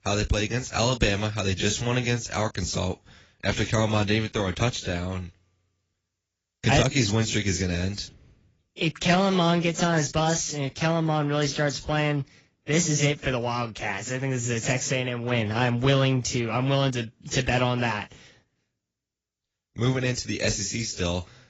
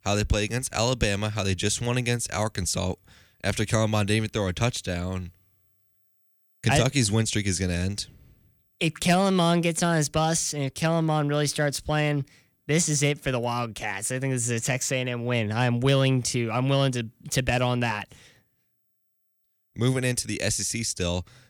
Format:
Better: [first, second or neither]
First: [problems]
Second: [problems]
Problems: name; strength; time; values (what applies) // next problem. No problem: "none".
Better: second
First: garbled, watery; badly; nothing above 7.5 kHz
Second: none